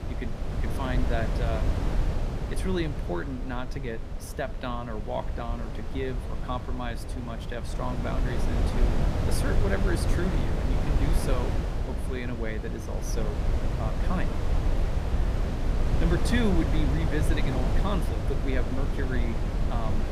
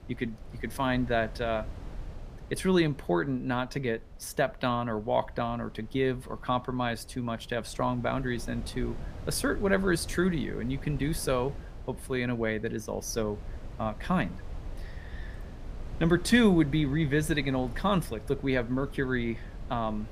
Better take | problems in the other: second | wind noise on the microphone; heavy; 2 dB below the speech; occasional gusts in the second

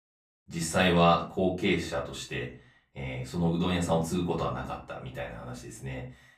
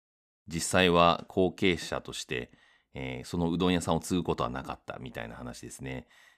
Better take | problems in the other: second | room echo; slight; dies away in 0.3 s // off-mic speech; far

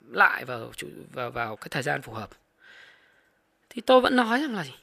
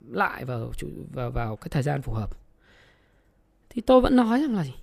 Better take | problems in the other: second | thin; somewhat; fading below 650 Hz

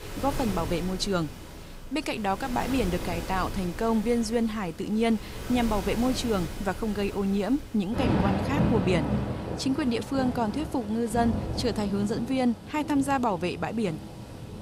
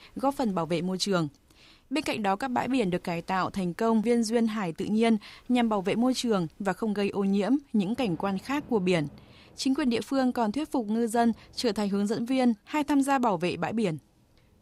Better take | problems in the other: second | rain or running water; loud; throughout; 6 dB below the speech; faint in the second

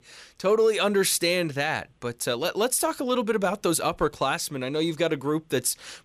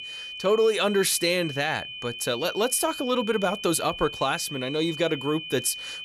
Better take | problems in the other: first | high-pitched whine; loud; throughout; 3 kHz, 10 dB below the speech

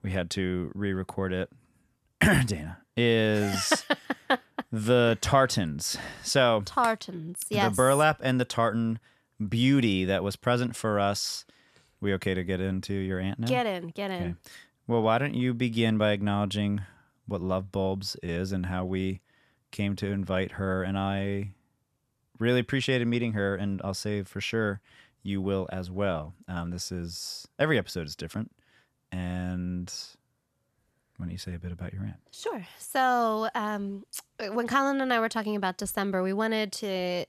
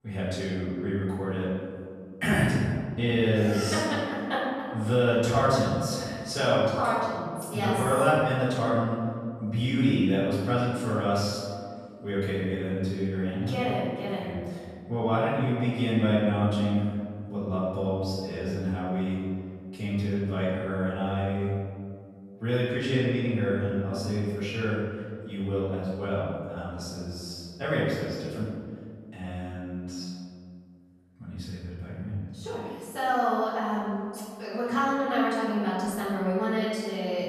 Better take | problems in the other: first | off-mic speech; far // room echo; strong; dies away in 2.1 s

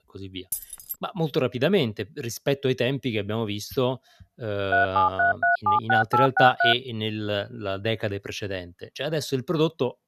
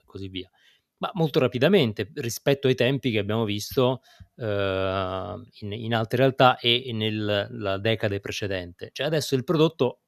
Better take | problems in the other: second | jangling keys; noticeable; at 0.5 s; peak 5 dB below the speech // phone ringing; loud; from 4.5 to 6.5 s; peak 6 dB above the speech

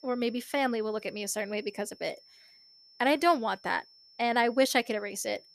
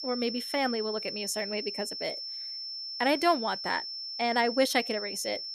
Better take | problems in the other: first | high-pitched whine; loud; throughout; 5.5 kHz, 5 dB below the speech; faint in the first

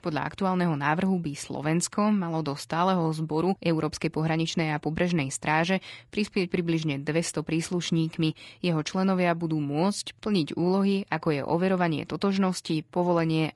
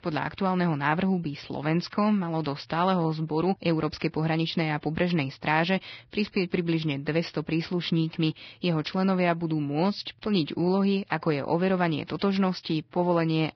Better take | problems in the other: first | garbled, watery; badly; nothing above 5.5 kHz; slightly in the first

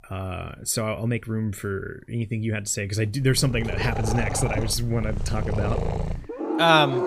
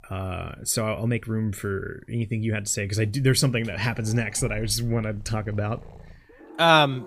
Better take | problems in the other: second | animal sounds; loud; from 3.5 s on; 4 dB below the speech; faint in the second

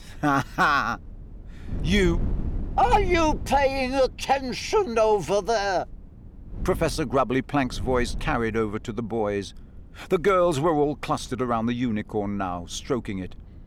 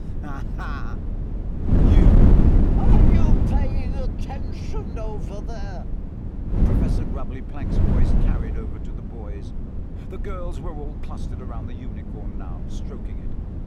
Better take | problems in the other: first | wind noise on the microphone; heavy; 5 dB above the speech; occasional gusts in the first

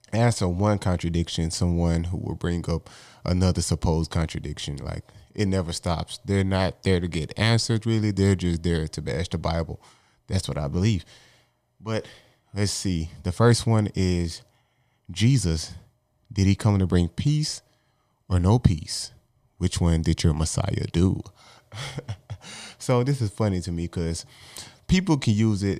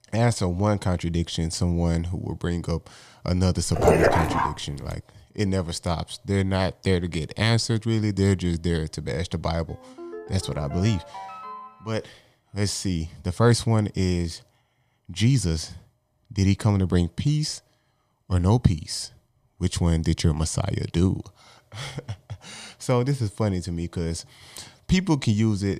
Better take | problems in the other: first | dog barking; loud; at 3.5 s; peak 6 dB above the speech // phone ringing; faint; from 9.5 to 12 s; peak 10 dB below the speech

